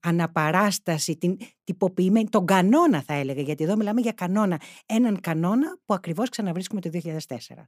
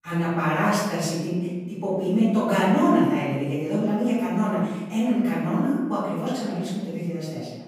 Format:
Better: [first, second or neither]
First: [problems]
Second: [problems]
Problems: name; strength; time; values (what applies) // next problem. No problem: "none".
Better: first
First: none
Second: off-mic speech; far // room echo; strong; dies away in 1.1 s